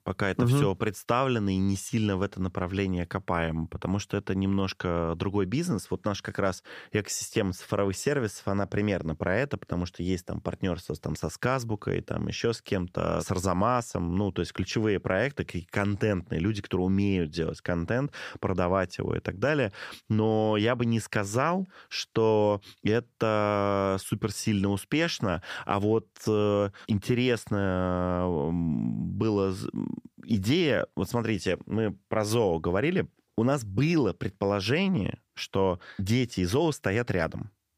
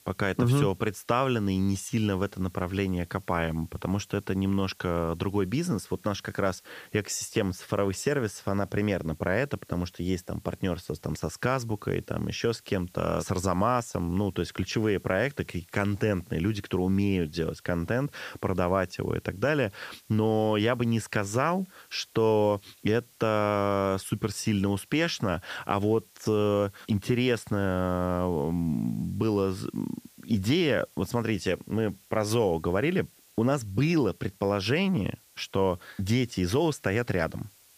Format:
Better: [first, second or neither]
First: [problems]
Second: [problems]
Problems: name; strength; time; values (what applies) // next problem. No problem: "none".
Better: first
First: none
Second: hiss; faint; throughout; 25 dB below the speech